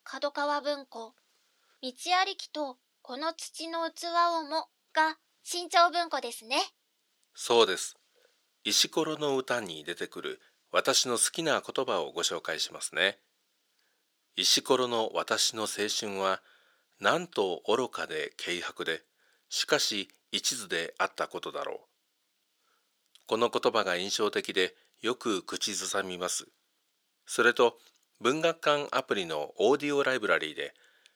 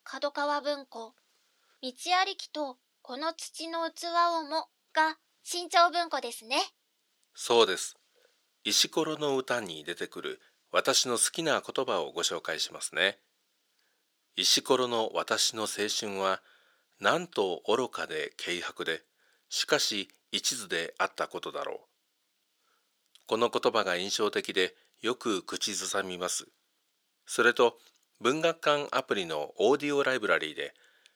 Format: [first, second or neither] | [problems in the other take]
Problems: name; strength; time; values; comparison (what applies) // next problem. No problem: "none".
neither | thin; very; fading below 500 Hz; the same in both